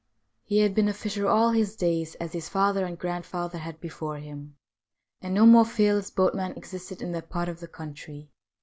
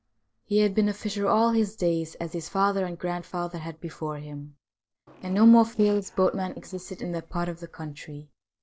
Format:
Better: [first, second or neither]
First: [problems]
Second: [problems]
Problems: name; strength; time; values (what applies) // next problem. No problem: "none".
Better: first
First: none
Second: noise reduction (neural separator model SepFormer DNS4)